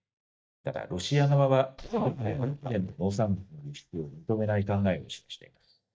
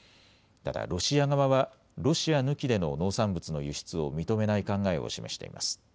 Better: second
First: noise reduction (neural mask model DeepFilterNet 3)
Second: none

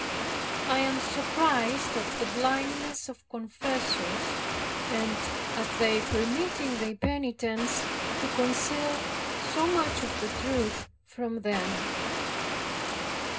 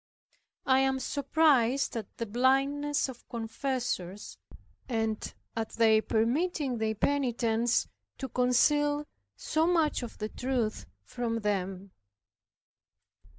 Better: second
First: background sound (Water); 1 dB below the speech // room echo; dies away in 0.2 s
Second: none

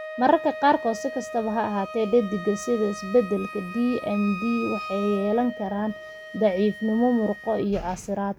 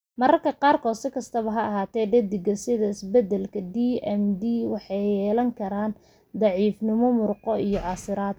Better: second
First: background sound (Wind instrument, woodwind instrument); 13 dB below the speech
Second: none

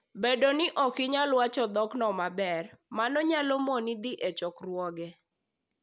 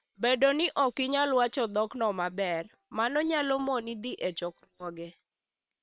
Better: first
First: none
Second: noise reduction (neural separator model SepFormer WHAM!)

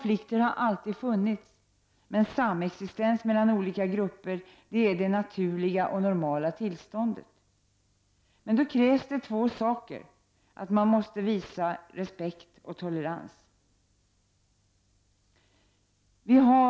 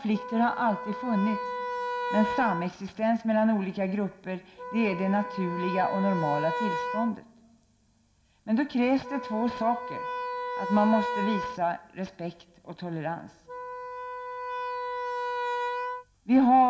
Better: first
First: none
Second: background sound (Wind instrument, woodwind instrument); 6 dB below the speech // room echo; dies away in 0.4 s

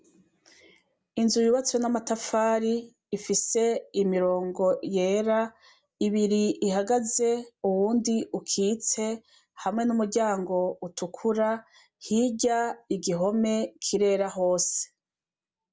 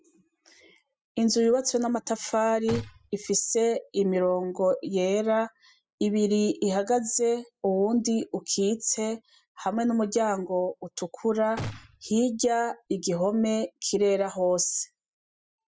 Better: first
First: none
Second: noise reduction (classical method spectral subtraction)

